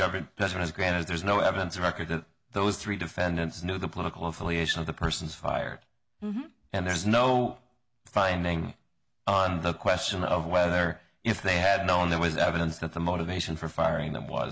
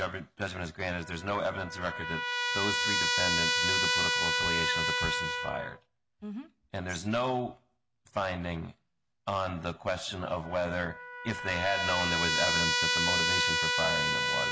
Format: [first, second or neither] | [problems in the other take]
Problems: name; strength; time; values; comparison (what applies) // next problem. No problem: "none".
first | background sound (Trumpet); 3 dB above the speech